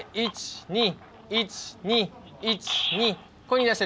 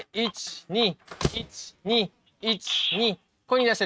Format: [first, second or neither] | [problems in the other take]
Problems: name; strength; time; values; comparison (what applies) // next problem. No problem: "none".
first | noise reduction (neural mask model RNNoise)